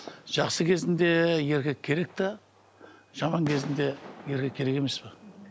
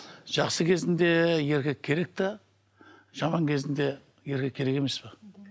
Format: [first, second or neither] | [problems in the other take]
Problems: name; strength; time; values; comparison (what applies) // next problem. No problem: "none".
second | background sound (Fireworks); 19 dB below the speech